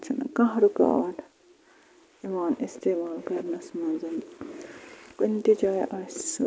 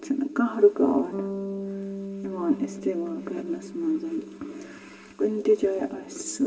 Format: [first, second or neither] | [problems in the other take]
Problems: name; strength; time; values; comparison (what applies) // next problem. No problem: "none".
first | background sound (Bass guitar); 11 dB below the speech // room echo; dies away in 2.3 s